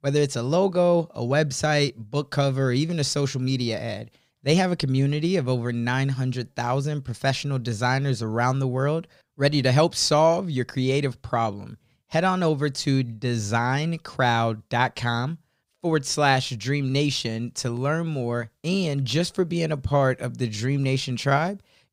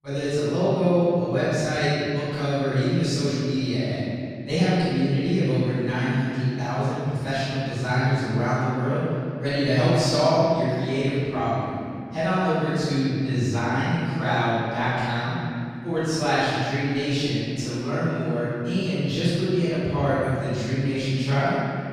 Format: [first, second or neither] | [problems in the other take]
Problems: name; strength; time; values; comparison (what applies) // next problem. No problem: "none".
first | off-mic speech; far // room echo; strong; dies away in 2.5 s